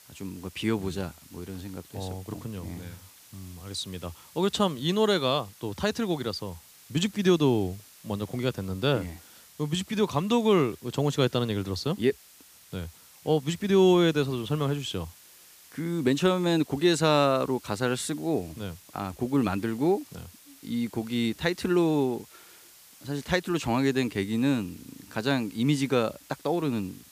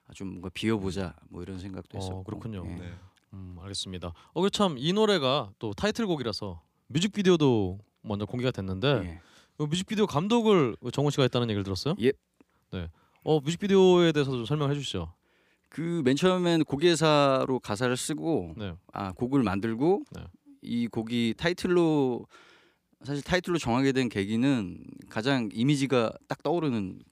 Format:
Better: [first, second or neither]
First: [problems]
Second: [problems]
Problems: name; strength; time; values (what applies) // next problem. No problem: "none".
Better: second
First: hiss; faint; throughout; 25 dB below the speech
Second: none